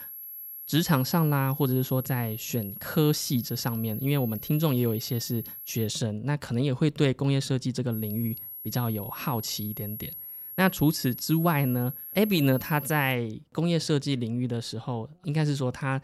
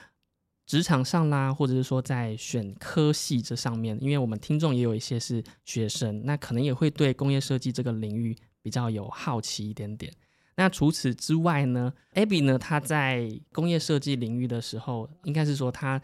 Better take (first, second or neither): second